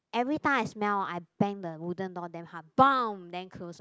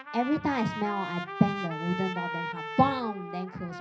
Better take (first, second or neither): first